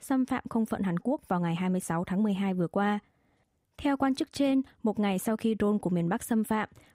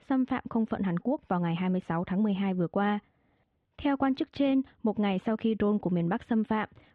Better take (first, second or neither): first